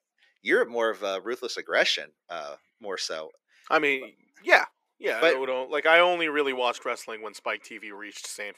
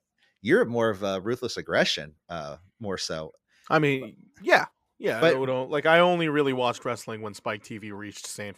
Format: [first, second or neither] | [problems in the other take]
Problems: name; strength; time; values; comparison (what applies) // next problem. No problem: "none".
second | thin; somewhat; fading below 350 Hz